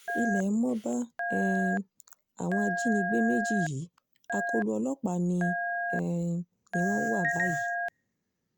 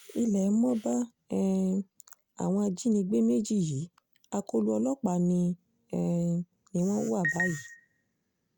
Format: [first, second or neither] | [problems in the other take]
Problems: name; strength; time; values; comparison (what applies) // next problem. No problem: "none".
second | background sound (Telephone); 3 dB below the speech